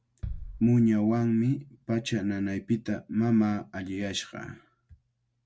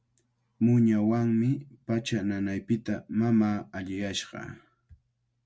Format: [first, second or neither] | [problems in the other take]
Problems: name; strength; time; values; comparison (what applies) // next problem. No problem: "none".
second | background sound (Bass drum); 17 dB below the speech